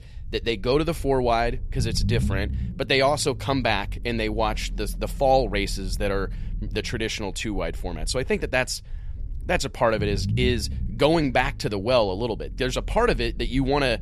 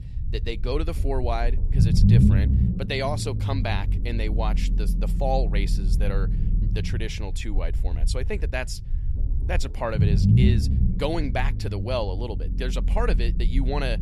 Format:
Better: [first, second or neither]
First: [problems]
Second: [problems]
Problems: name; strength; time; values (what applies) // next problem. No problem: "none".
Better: first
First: low rumble; faint; throughout; 20 dB below the speech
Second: low rumble; loud; throughout; 6 dB below the speech